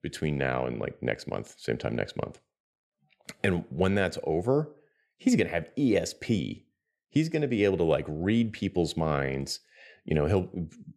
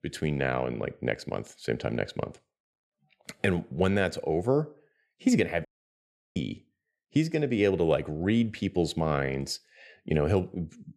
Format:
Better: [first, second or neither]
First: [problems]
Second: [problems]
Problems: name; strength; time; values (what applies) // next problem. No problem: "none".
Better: first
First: none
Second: audio cutting out; at 5.5 s for 0.5 s